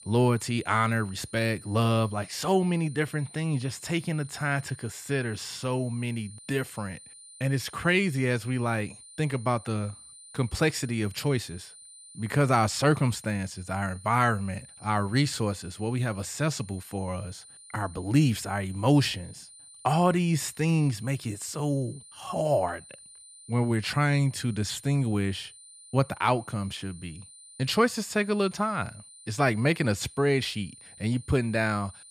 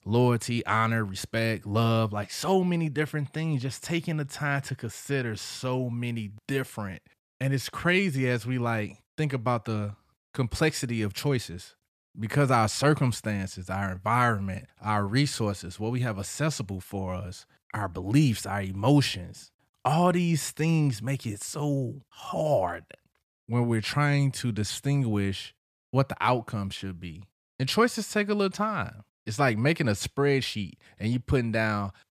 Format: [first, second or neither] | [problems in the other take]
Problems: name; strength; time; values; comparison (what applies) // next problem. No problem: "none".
second | high-pitched whine; noticeable; throughout; 9 kHz, 20 dB below the speech